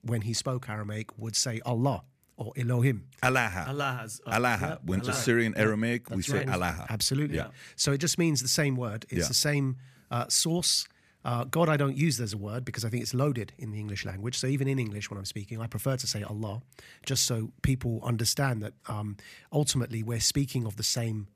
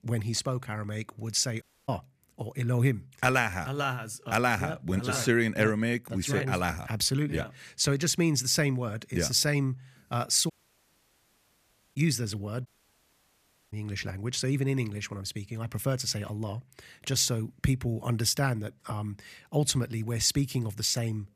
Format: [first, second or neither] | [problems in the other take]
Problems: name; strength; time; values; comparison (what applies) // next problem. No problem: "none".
first | audio cutting out; at 1.5 s, at 11 s for 1.5 s and at 13 s for 1 s